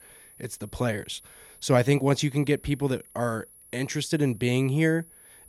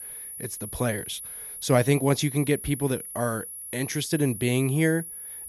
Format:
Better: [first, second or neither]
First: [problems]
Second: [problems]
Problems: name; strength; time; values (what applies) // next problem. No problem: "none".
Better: first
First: high-pitched whine; faint; throughout; 10 kHz, 25 dB below the speech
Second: high-pitched whine; loud; throughout; 10 kHz, 10 dB below the speech